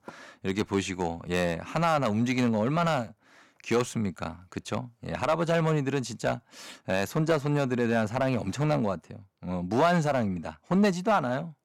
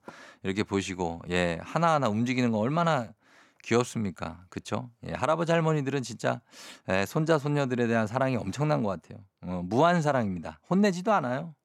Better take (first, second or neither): second